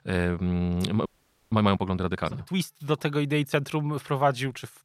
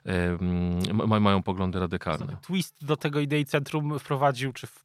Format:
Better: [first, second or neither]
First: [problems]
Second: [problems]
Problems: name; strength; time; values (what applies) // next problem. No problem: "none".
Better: second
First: audio freezing; at 1 s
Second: none